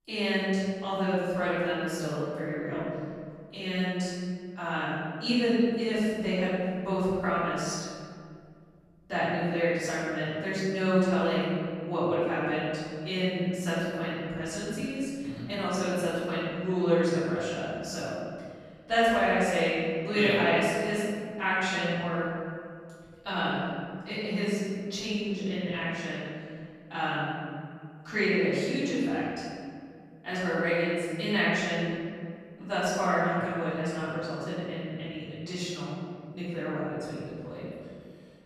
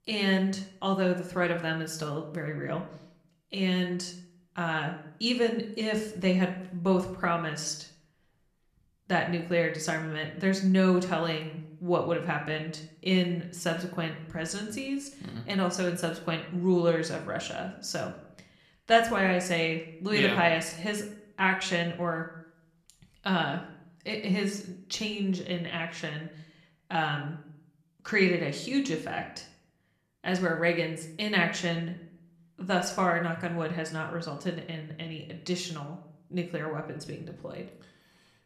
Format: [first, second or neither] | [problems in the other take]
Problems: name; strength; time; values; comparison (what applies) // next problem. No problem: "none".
second | room echo; strong; dies away in 2 s; slight in the second // off-mic speech; far